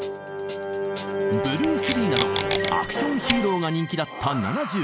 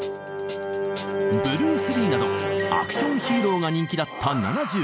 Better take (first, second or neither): second